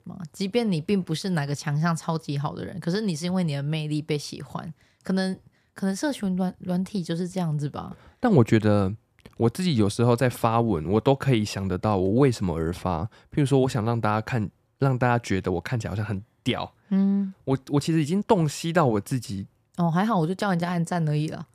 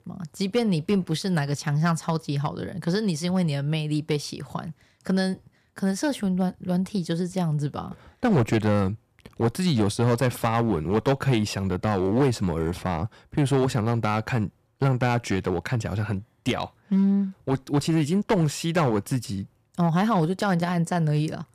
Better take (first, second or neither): first